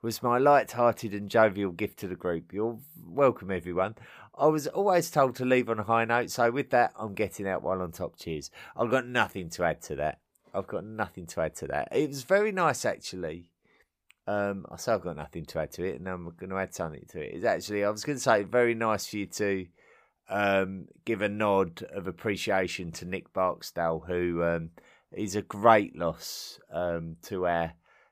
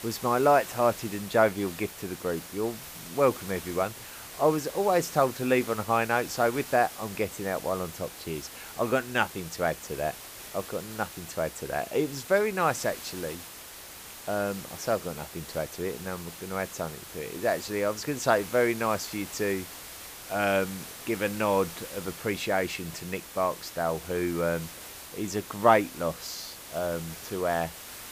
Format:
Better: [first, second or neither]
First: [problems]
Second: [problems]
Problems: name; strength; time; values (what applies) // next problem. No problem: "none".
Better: first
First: none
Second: hiss; noticeable; throughout; 10 dB below the speech